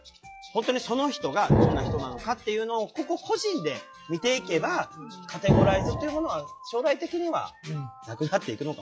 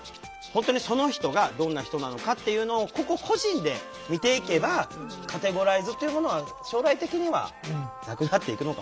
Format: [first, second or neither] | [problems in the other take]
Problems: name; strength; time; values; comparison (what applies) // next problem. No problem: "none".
second | noise reduction (classical method log-MMSE)